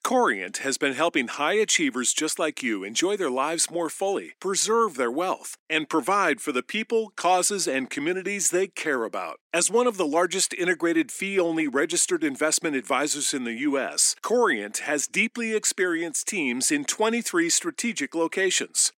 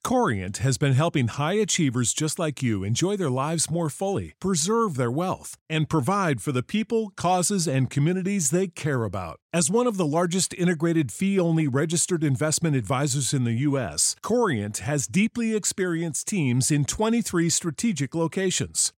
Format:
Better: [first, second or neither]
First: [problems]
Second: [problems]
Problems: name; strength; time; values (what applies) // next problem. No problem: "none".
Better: second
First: thin; somewhat; fading below 250 Hz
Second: none